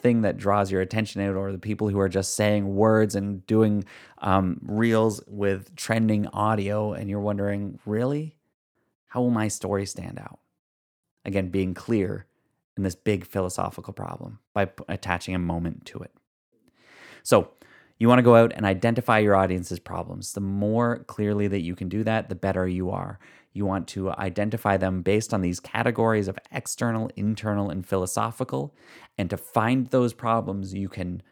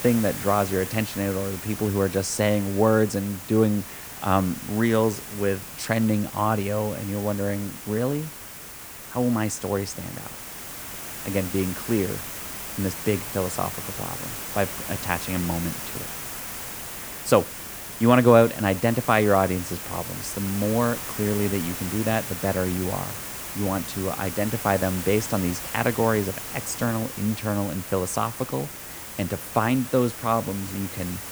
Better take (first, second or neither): first